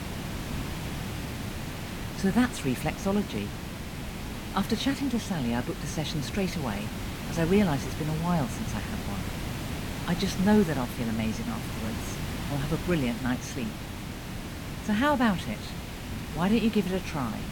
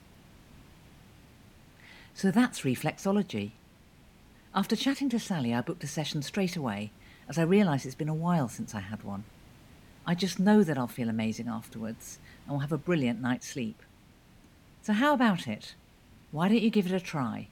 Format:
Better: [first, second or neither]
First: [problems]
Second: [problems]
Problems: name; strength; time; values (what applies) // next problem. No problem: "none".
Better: second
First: hiss; loud; throughout; 7 dB below the speech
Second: hiss; faint; throughout; 25 dB below the speech